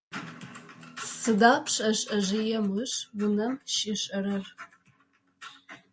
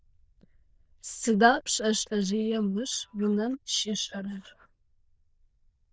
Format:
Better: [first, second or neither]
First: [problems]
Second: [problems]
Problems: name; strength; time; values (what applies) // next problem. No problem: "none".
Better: first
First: none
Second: noise reduction (neural diffusion model UNIVERSE++)